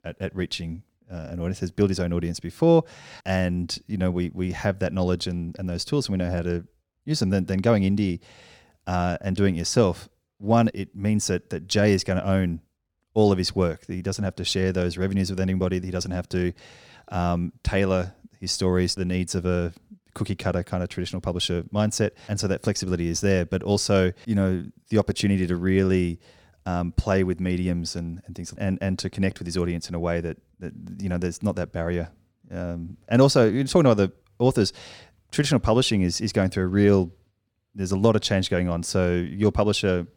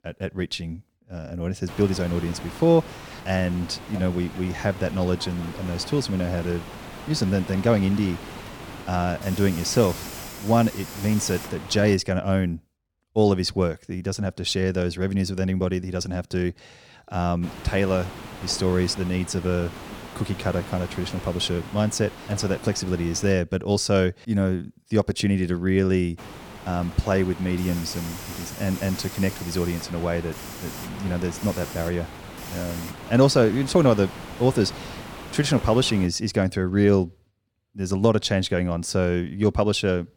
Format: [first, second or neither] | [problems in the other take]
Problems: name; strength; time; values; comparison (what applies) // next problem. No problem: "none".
first | hiss; noticeable; from 1.5 to 12 s, from 17 to 23 s and from 26 to 36 s; 15 dB below the speech